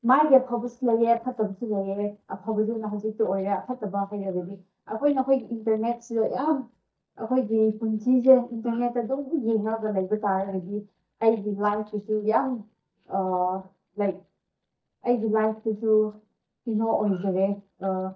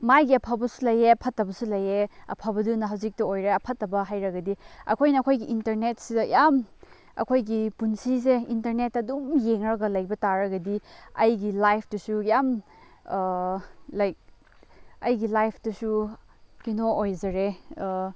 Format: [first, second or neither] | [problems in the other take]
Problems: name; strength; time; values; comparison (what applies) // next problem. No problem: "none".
second | noise reduction (neural mask model DeepFilterNet 3)